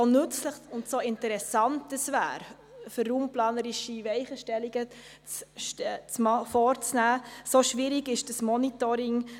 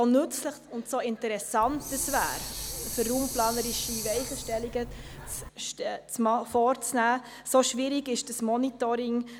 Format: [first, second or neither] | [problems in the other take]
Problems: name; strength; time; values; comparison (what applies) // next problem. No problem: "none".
first | background sound (Hiss); 7 dB below the speech